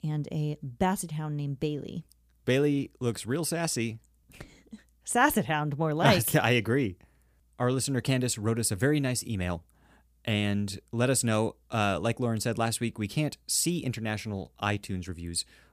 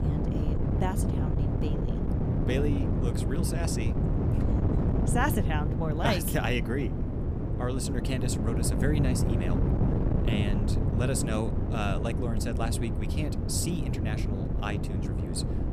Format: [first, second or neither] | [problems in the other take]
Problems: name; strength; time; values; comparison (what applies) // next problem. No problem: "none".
first | wind noise on the microphone; heavy; 3 dB below the speech